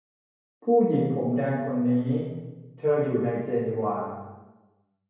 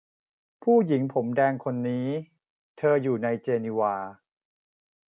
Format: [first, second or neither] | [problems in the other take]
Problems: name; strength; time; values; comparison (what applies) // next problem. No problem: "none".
second | room echo; dies away in 1 s